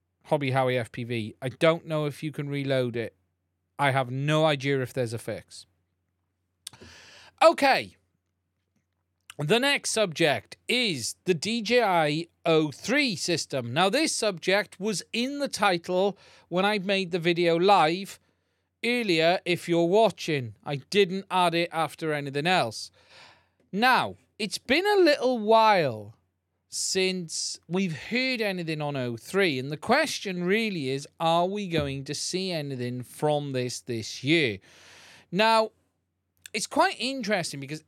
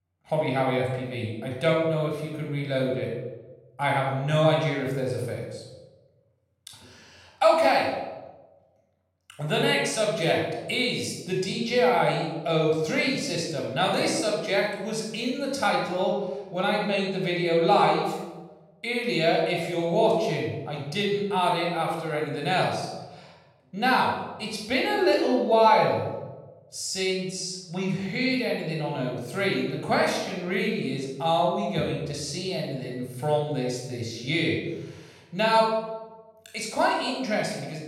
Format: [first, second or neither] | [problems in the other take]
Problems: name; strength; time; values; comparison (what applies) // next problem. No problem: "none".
first | off-mic speech; somewhat distant // room echo; noticeable; dies away in 0.9 s